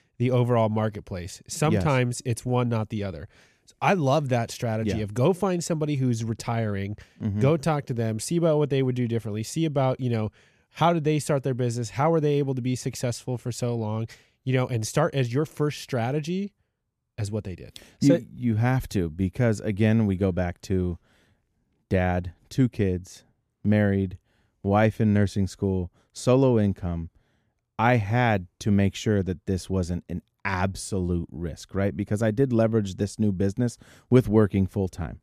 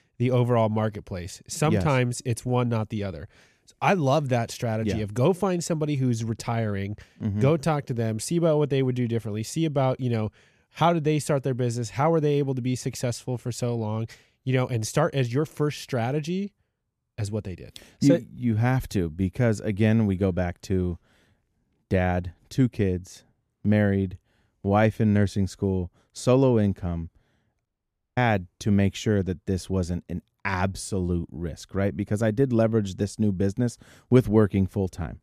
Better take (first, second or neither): first